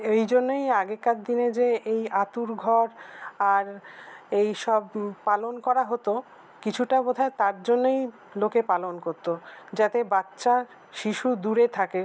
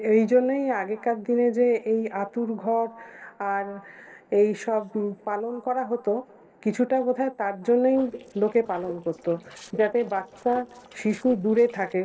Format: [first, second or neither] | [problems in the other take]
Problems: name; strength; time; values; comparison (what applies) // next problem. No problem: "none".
first | noise reduction (neural separator model SepFormer DNS4)